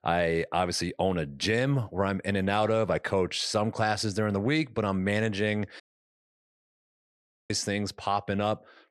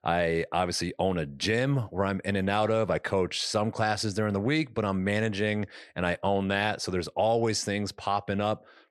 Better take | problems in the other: second | audio cutting out; at 6 s for 1.5 s

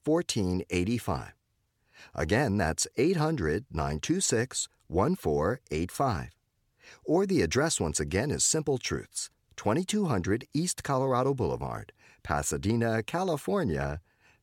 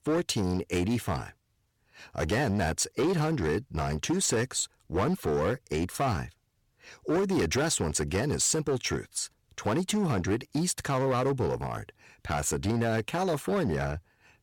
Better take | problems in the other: first | distortion; slight; 12% of the sound clipped

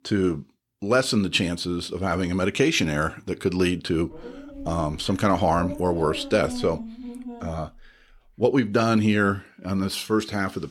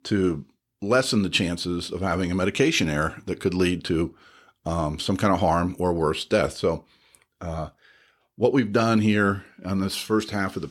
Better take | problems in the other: second | dog barking; noticeable; from 4 to 8 s; peak 10 dB below the speech

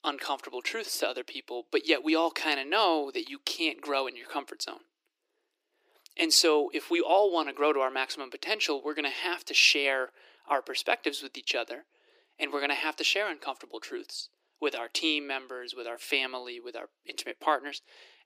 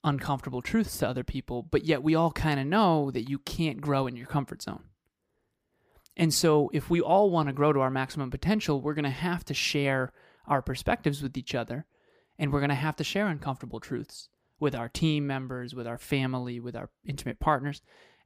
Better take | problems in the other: second | thin; very; fading below 300 Hz

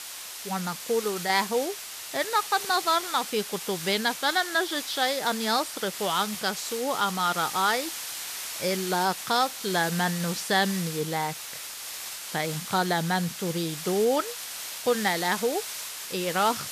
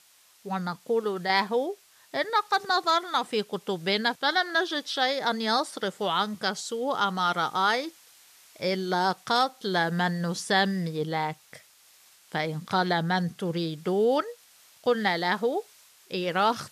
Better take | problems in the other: second | hiss; loud; throughout; 7 dB below the speech; faint in the second

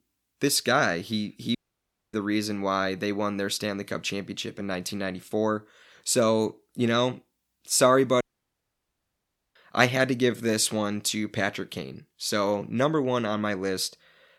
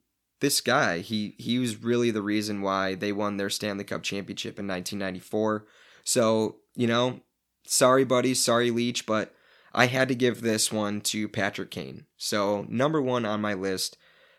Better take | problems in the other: second | audio cutting out; at 1.5 s for 0.5 s and at 8 s for 1.5 s

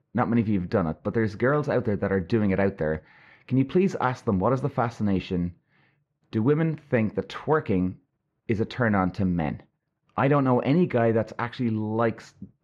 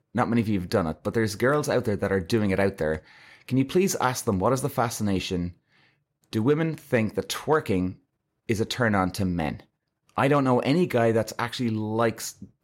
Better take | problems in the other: second | muffled; slightly; fading above 2.5 kHz

